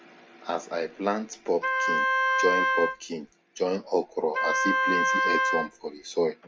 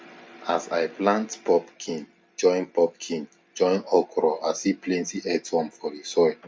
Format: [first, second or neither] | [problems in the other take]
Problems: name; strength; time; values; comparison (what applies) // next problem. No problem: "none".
second | background sound (Wind instrument, woodwind instrument); 3 dB above the speech